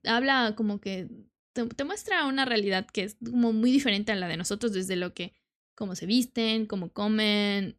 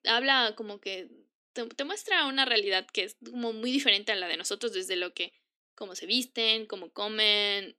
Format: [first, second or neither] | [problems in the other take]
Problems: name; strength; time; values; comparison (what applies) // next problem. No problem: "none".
first | thin; somewhat; fading below 300 Hz